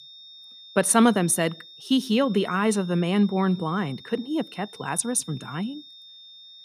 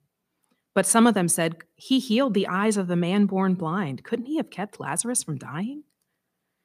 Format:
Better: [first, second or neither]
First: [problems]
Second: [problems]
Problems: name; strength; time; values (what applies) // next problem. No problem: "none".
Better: second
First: high-pitched whine; noticeable; throughout; 3.5 kHz, 20 dB below the speech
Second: none